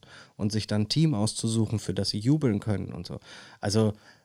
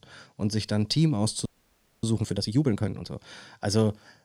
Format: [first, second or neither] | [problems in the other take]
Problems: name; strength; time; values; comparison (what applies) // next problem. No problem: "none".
first | audio freezing; at 1.5 s for 0.5 s